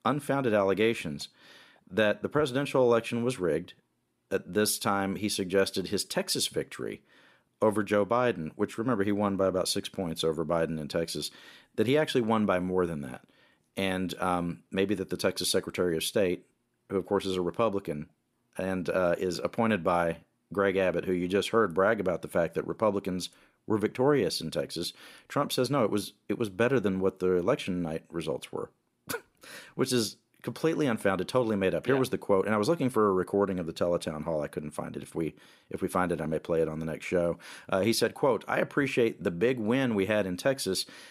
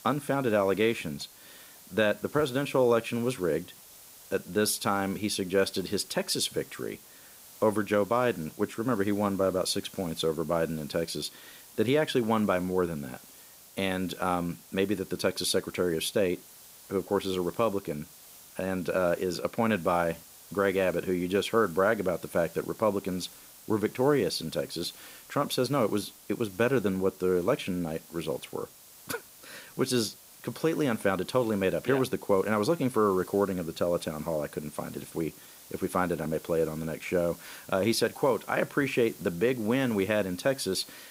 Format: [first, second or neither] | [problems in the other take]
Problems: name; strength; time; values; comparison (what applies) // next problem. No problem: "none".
first | hiss; noticeable; throughout; 20 dB below the speech